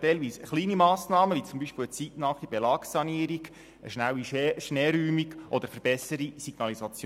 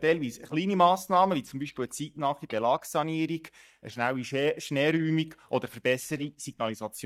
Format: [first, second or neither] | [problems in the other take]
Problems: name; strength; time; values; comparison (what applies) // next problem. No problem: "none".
first | noise reduction (neural mask model DeepFilterNet 3)